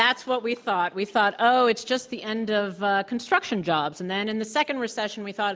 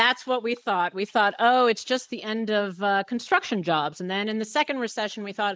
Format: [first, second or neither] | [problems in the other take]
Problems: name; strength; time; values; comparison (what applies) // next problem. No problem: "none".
first | noise reduction (neural mask model Resemble Enhance denoiser)